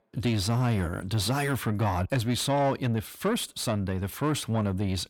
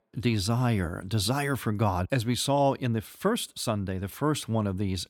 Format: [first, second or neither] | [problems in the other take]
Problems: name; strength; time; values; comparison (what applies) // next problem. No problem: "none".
second | distortion; slight; 10 dB below the speech